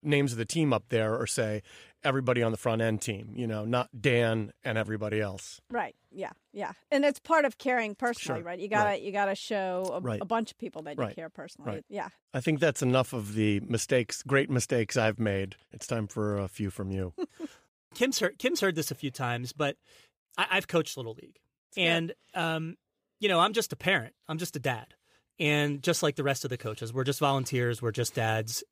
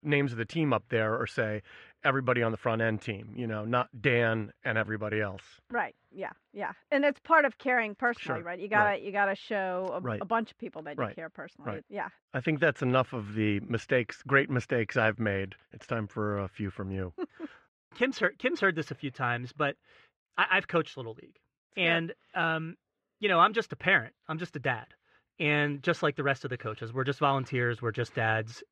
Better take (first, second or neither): first